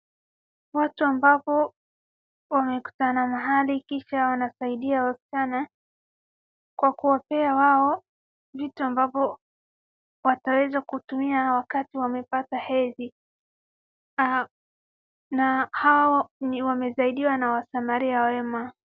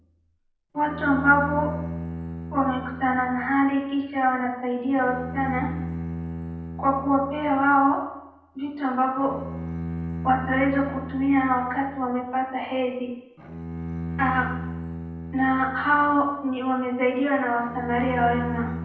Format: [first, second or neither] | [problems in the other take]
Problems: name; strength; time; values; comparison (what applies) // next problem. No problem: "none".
first | background sound (Bowed string instrument); 10 dB below the speech // room echo; dies away in 0.9 s